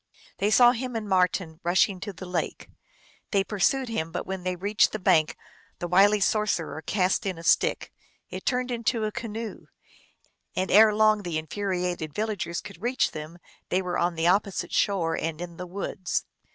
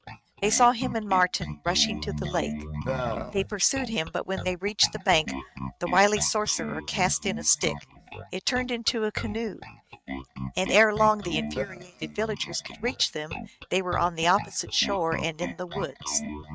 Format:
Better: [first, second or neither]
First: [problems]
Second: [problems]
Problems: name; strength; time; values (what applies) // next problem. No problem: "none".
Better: first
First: none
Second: noise reduction (neural mask model RNNoise)